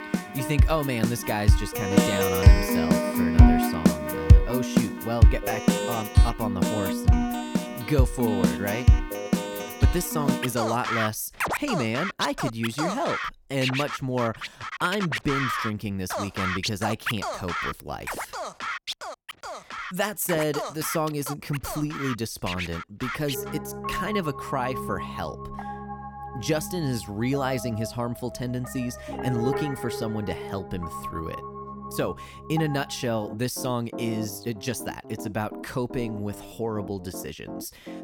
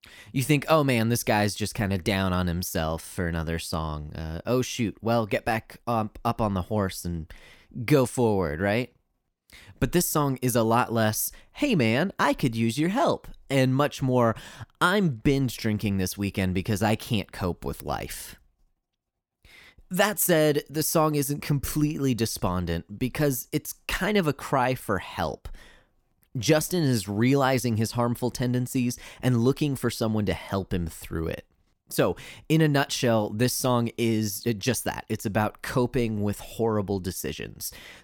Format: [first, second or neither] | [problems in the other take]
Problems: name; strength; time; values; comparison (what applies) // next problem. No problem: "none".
second | background music; very loud; throughout; 3 dB above the speech